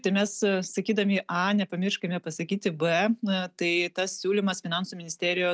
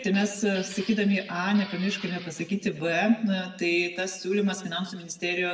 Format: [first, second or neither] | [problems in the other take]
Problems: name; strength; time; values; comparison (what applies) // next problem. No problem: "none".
first | background sound (Glass); 16 dB below the speech // room echo; dies away in 0.8 s